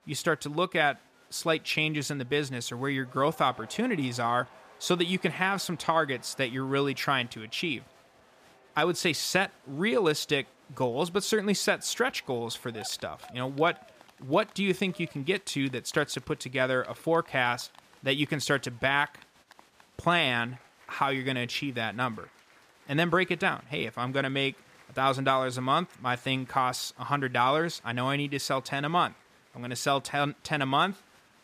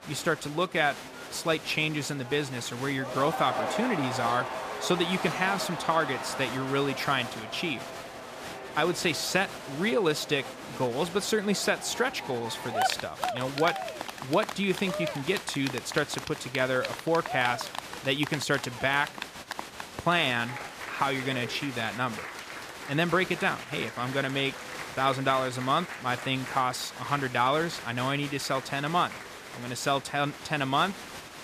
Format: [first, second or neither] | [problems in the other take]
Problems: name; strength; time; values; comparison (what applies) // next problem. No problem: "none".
first | crowd noise; loud; throughout; 8 dB below the speech; faint in the first